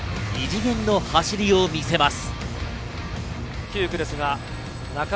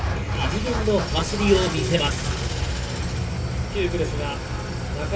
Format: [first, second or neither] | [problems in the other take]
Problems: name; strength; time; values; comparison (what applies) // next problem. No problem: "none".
first | background sound (Idling / Engine starting); 7 dB below the speech // room echo; dies away in 2.9 s